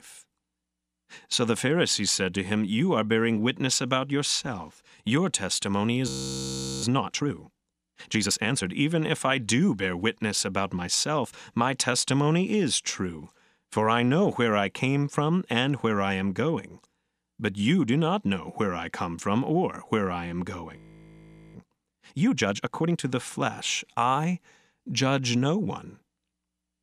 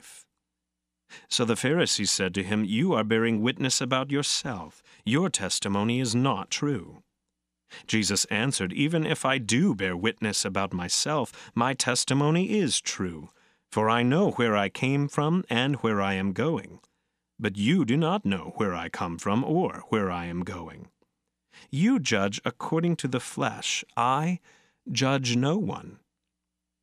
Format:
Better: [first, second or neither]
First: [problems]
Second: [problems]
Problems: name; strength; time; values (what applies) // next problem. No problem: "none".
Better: second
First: audio freezing; at 6 s for 0.5 s and at 21 s for 1 s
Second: none